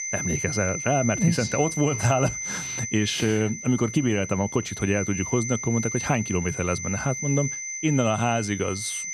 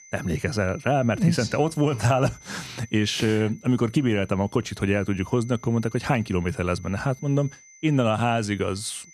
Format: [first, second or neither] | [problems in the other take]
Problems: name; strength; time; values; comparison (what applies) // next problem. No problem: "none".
second | high-pitched whine; loud; throughout; 6 kHz, 6 dB below the speech; faint in the second